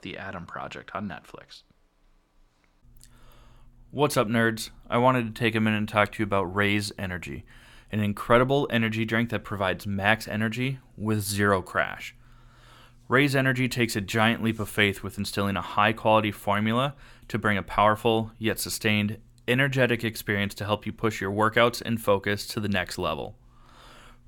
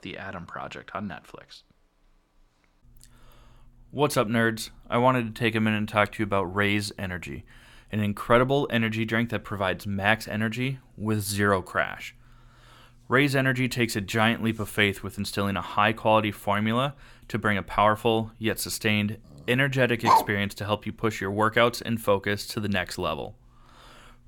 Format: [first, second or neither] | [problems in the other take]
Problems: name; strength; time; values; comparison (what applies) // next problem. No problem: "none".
first | dog barking; loud; at 20 s; peak 4 dB above the speech